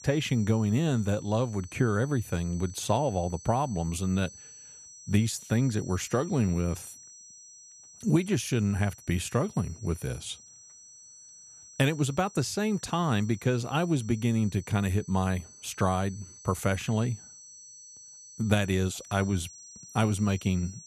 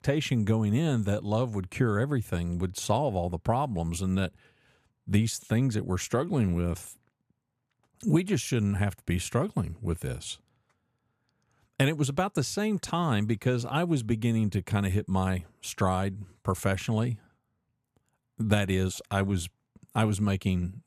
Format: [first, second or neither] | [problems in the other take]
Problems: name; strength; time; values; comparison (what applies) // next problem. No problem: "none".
second | high-pitched whine; noticeable; throughout; 6 kHz, 20 dB below the speech